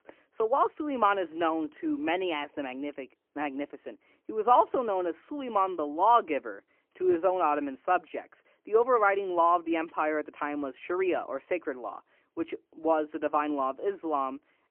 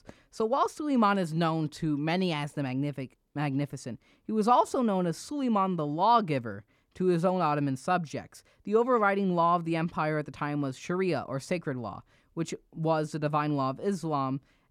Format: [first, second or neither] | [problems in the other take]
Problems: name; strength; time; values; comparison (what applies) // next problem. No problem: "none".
second | phone-call audio; poor line; nothing above 3 kHz